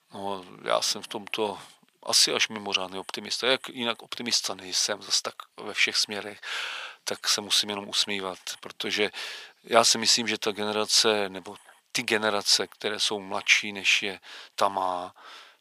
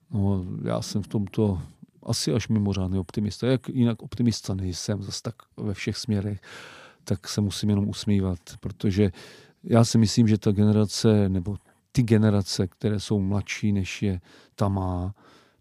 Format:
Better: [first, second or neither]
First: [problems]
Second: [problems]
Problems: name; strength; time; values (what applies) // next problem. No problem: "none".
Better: second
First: thin; very; fading below 850 Hz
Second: none